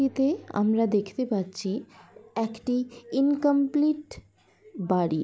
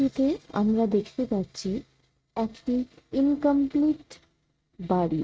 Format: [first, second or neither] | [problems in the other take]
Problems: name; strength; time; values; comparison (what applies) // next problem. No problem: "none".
first | noise reduction (neural mask model RNNoise)